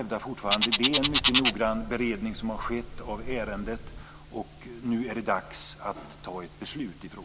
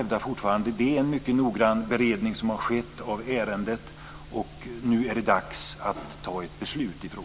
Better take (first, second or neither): second